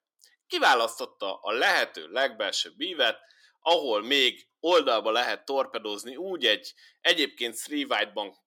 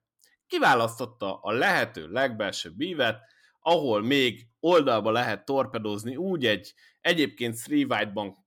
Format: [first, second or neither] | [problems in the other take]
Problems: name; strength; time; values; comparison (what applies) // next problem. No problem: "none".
second | thin; somewhat; fading below 350 Hz